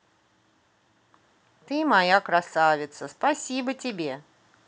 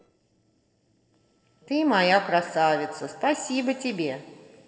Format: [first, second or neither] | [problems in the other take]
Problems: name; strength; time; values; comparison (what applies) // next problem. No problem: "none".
first | noise reduction (neural separator model SepFormer DNS4)